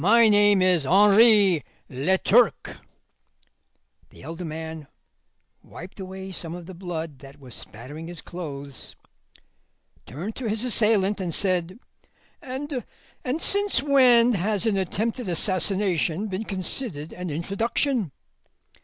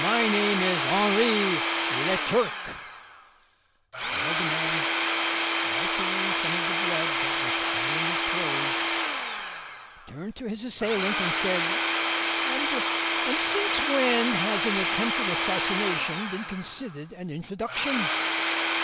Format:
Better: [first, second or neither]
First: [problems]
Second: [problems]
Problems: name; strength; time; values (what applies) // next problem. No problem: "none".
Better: first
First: none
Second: background sound (Tools / Domestic sounds, home sounds); 4 dB above the speech